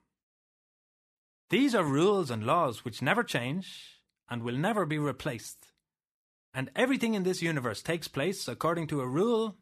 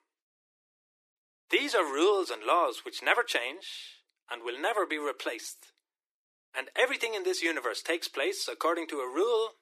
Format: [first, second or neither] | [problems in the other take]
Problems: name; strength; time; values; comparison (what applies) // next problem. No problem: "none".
first | thin; very; fading below 300 Hz